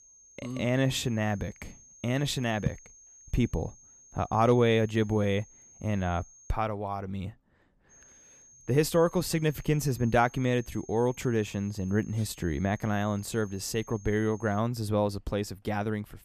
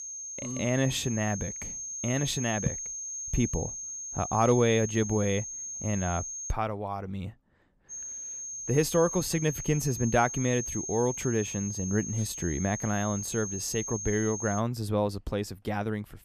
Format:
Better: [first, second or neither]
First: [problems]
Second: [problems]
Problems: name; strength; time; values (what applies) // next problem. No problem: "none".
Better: first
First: high-pitched whine; faint; until 6.5 s and from 8 to 15 s; 6.5 kHz, 25 dB below the speech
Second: high-pitched whine; loud; until 6.5 s and from 8 to 15 s; 6.5 kHz, 6 dB below the speech